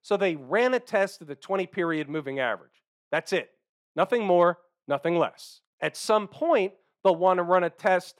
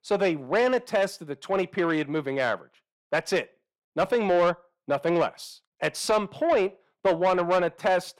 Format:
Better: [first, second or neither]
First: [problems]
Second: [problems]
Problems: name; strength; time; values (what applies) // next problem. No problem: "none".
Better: first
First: none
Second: distortion; slight; 10 dB below the speech